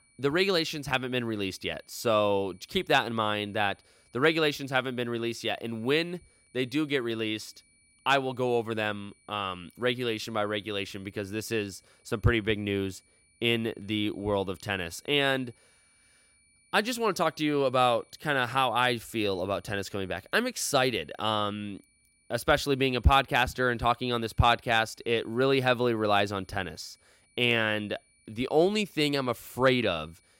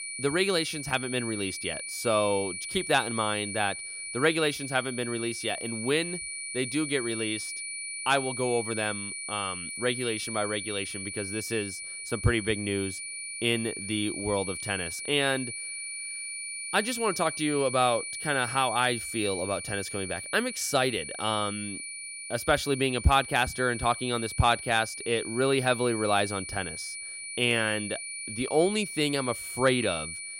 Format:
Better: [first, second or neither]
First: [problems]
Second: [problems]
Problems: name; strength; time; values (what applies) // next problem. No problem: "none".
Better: first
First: high-pitched whine; faint; throughout; 2.5 kHz, 35 dB below the speech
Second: high-pitched whine; loud; throughout; 2.5 kHz, 6 dB below the speech